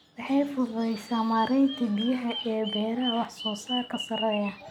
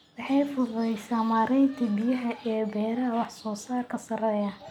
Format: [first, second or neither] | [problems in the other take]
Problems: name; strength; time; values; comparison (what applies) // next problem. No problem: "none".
second | background sound (Bird vocalization, bird call, bird song); 12 dB below the speech